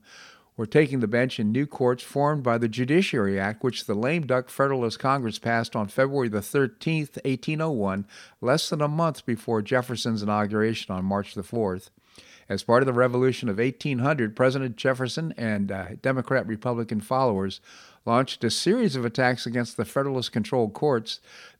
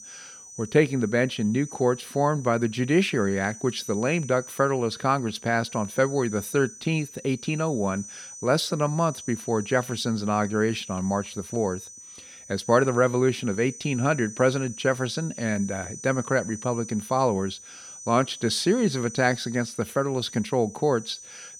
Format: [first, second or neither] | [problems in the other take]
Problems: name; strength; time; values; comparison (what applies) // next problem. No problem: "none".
first | high-pitched whine; noticeable; throughout; 6 kHz, 15 dB below the speech